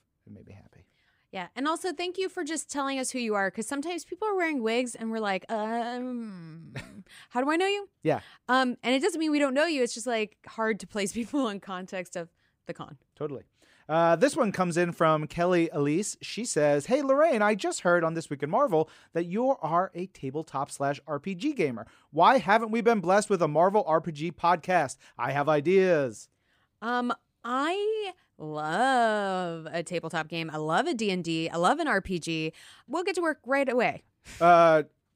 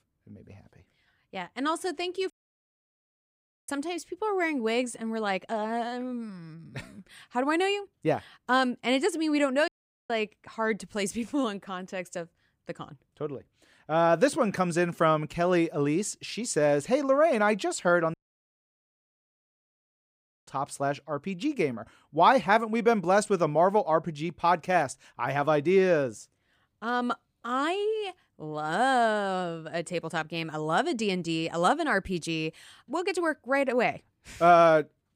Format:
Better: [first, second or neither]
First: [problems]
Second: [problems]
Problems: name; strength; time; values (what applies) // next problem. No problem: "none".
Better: first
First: none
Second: audio cutting out; at 2.5 s for 1.5 s, at 9.5 s and at 18 s for 2.5 s